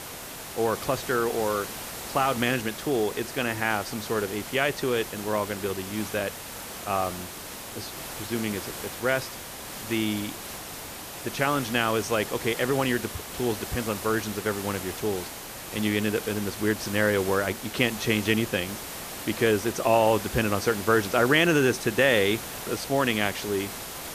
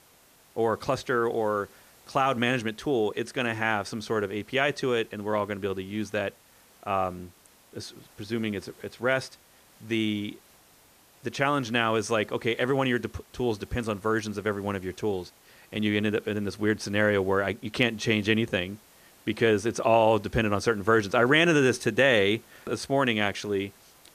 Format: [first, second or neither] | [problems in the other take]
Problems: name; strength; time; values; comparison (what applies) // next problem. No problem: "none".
second | hiss; loud; throughout; 9 dB below the speech; faint in the second